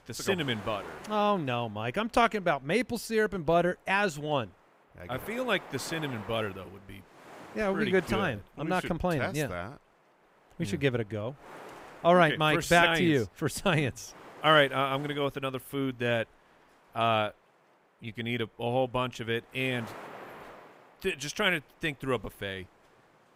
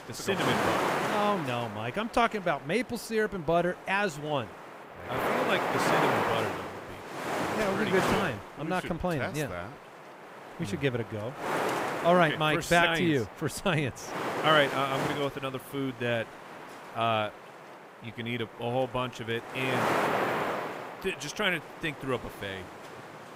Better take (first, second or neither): first